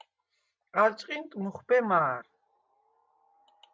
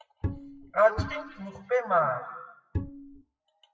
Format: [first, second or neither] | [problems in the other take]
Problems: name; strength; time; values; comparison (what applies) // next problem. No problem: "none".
first | noise reduction (classical method WPE with log-MMSE)